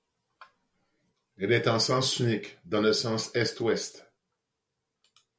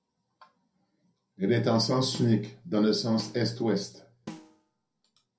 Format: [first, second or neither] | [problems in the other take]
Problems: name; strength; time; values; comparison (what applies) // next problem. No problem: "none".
first | background sound (Snare drum); 18 dB below the speech // room echo; dies away in 0.3 s